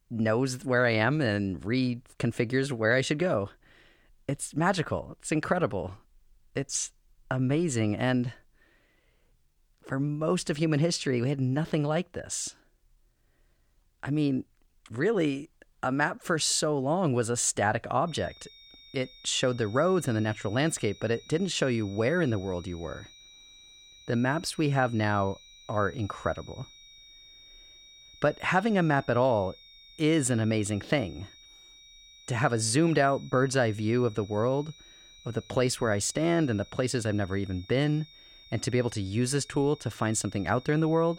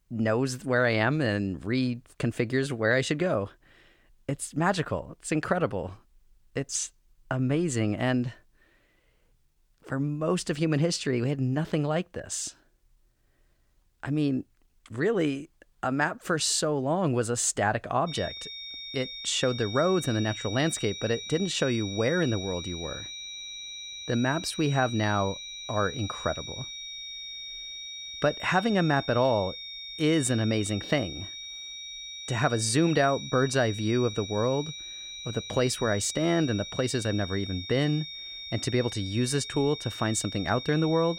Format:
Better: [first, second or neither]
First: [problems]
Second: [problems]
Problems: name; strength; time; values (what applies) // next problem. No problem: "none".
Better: first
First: high-pitched whine; faint; from 18 s on; 3.5 kHz, 20 dB below the speech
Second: high-pitched whine; loud; from 18 s on; 3.5 kHz, 9 dB below the speech